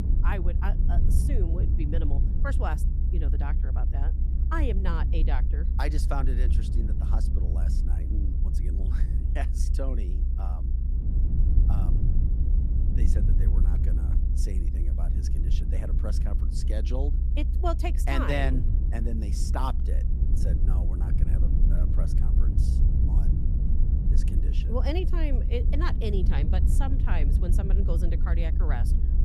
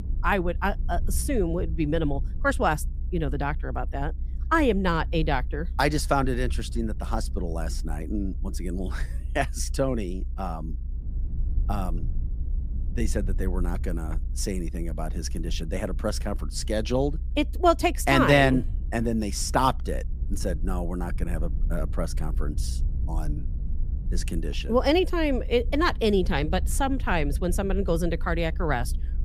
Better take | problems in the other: second | low rumble; loud; throughout; 6 dB below the speech; faint in the second

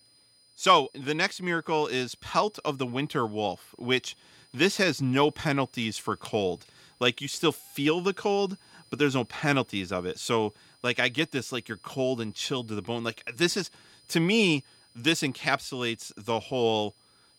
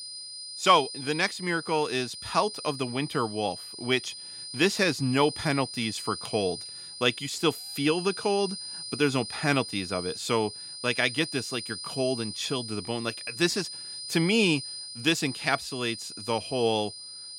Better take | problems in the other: first | high-pitched whine; loud; throughout; 5 kHz, 9 dB below the speech; faint in the first

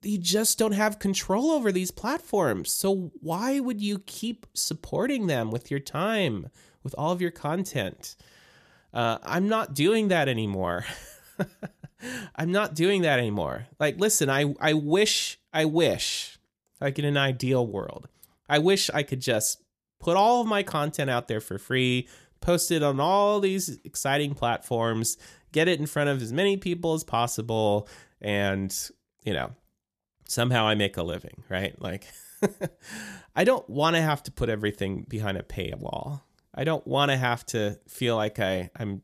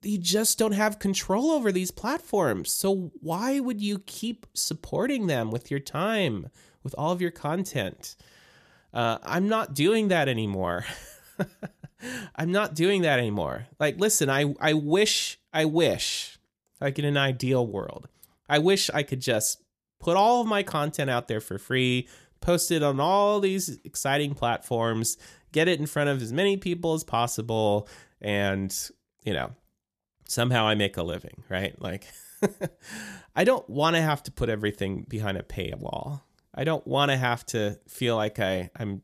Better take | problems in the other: neither | none

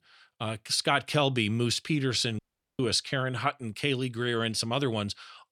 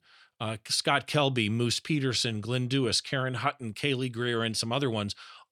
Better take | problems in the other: second | audio cutting out; at 2.5 s

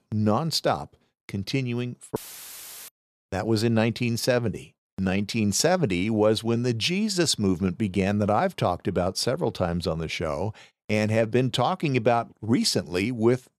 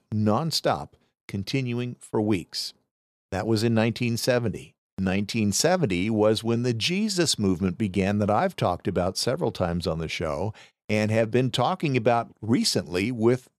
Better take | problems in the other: second | audio cutting out; filled with static; at 2 s for 0.5 s

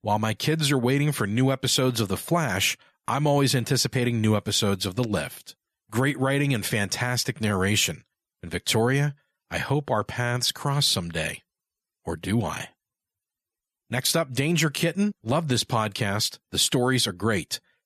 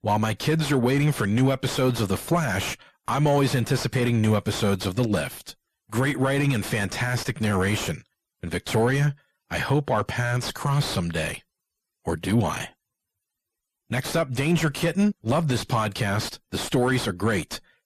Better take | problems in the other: first | distortion; heavy; 7 dB below the speech

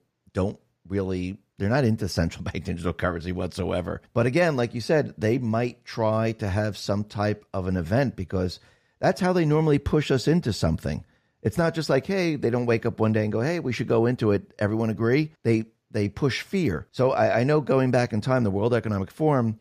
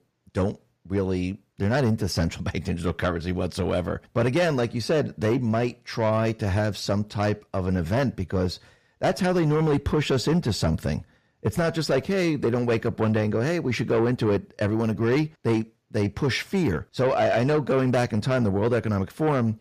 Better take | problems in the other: first | distortion; slight; 10 dB below the speech

